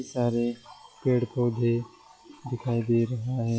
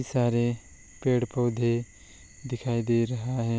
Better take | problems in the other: second | noise reduction (classical method log-MMSE)

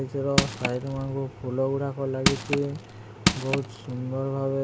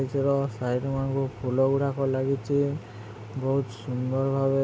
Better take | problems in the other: second | background sound (Crushing); 1 dB above the speech

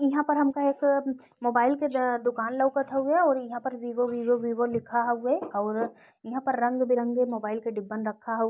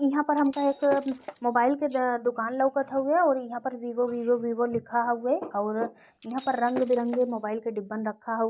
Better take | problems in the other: first | background sound (Shatter); 15 dB below the speech

